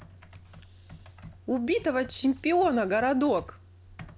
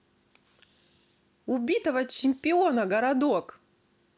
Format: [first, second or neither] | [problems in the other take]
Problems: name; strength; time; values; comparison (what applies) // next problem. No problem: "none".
second | background sound (Computer keyboard); 20 dB below the speech